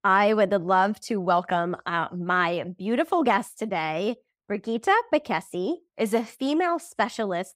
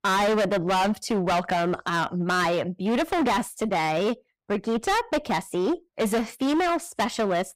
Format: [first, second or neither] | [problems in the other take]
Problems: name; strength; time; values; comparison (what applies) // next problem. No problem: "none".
first | distortion; heavy; 22% of the sound clipped